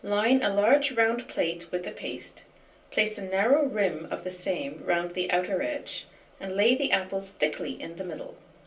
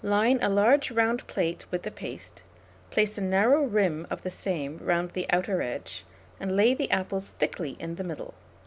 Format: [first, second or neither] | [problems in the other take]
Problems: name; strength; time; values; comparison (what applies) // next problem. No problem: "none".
second | room echo; dies away in 0.3 s